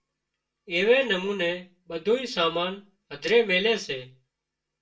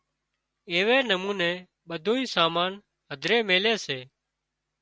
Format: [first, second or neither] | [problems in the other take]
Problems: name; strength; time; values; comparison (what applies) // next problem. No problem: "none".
second | room echo; dies away in 0.2 s